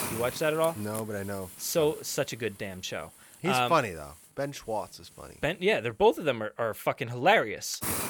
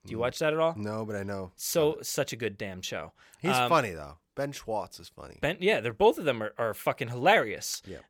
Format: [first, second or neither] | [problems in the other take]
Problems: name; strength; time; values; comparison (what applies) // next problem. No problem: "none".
second | hiss; noticeable; throughout; 10 dB below the speech